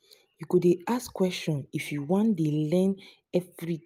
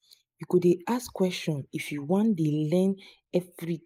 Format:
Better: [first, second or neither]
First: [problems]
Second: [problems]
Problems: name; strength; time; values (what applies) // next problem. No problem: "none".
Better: first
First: none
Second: noise reduction (neural mask model Resemble Enhance denoiser)